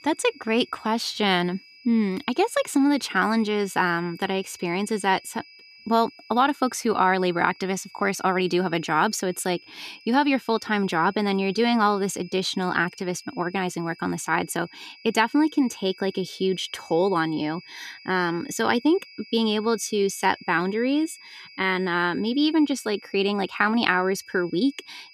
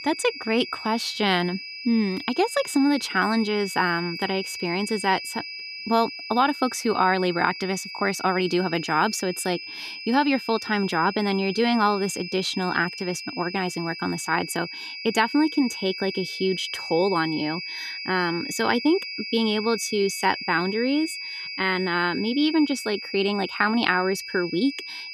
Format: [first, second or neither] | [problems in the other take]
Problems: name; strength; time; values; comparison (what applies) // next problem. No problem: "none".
first | high-pitched whine; loud; throughout; 5 kHz, 8 dB below the speech; faint in the first